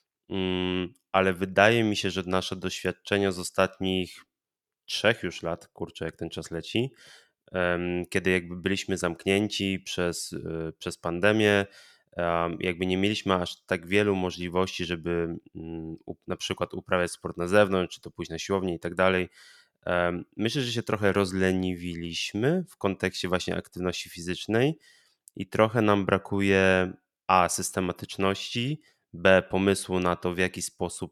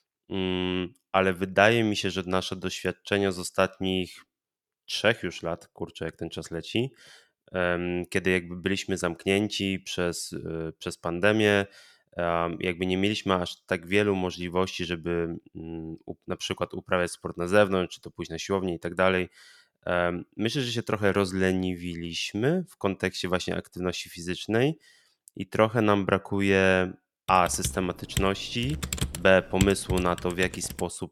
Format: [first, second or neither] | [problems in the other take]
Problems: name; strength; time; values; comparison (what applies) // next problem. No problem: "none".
first | keyboard typing; noticeable; from 27 s on; peak 3 dB below the speech